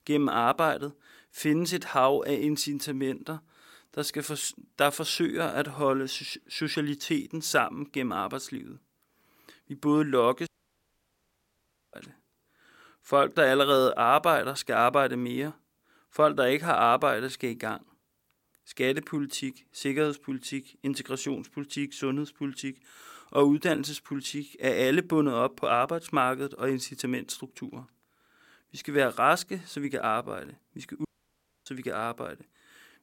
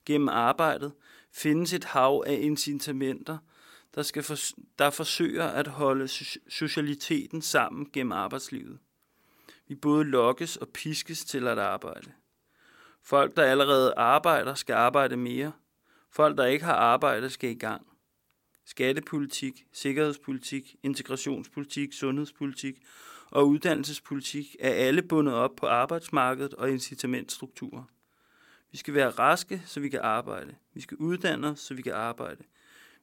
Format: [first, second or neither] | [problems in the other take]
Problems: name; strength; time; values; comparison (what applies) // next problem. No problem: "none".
second | audio cutting out; at 10 s for 1.5 s and at 31 s for 0.5 s